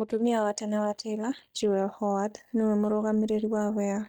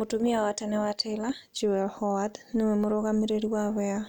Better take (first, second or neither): second